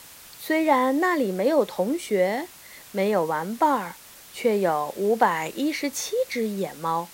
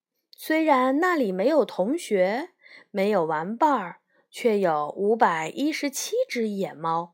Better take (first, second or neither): second